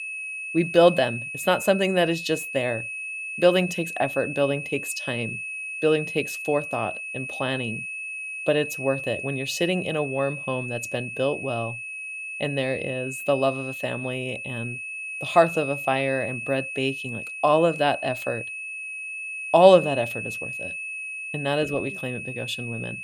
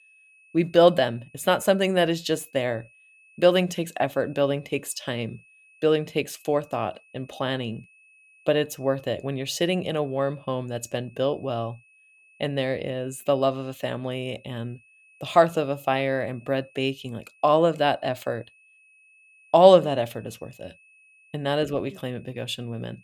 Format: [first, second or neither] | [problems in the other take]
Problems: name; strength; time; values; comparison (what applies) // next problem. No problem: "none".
second | high-pitched whine; loud; throughout; 2.5 kHz, 7 dB below the speech; faint in the second